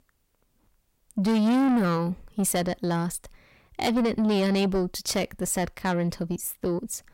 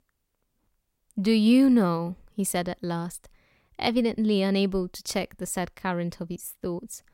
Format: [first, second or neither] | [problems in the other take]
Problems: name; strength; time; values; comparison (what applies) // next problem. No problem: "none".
second | distortion; heavy; 7 dB below the speech